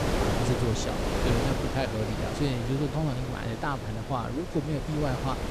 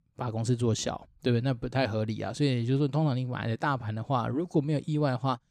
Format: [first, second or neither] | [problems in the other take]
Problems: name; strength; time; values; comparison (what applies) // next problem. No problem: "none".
second | wind noise on the microphone; heavy; as loud as the speech